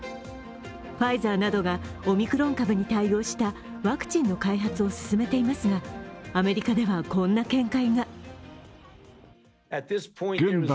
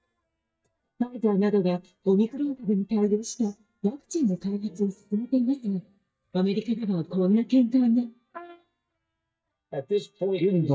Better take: first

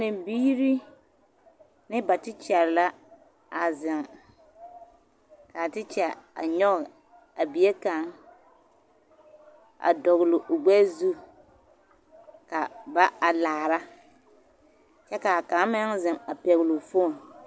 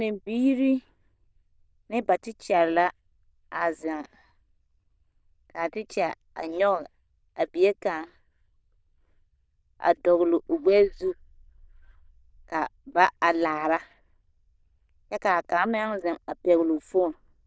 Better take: first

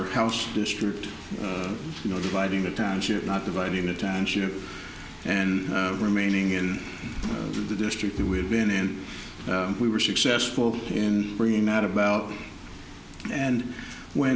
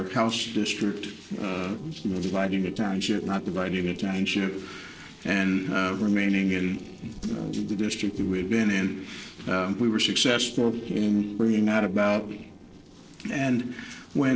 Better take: first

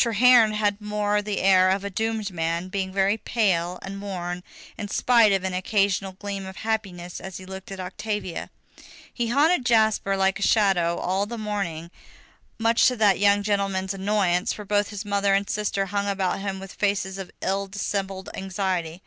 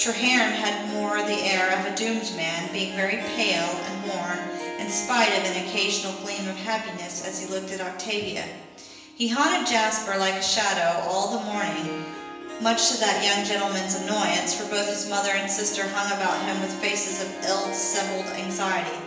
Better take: first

